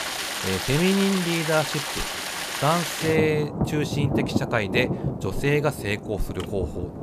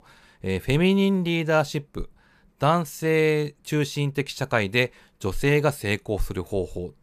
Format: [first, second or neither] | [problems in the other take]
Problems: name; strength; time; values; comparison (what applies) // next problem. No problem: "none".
second | rain or running water; loud; throughout; 3 dB below the speech